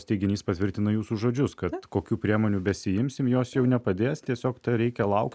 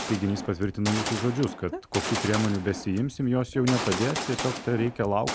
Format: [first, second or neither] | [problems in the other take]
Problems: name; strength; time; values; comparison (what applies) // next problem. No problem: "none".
first | background sound (Gunshot, gunfire); 7 dB below the speech